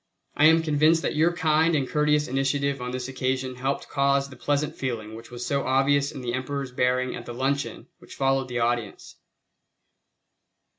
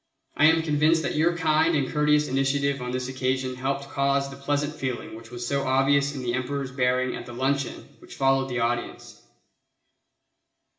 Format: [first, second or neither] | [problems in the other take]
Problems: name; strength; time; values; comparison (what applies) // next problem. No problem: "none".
first | room echo; dies away in 0.7 s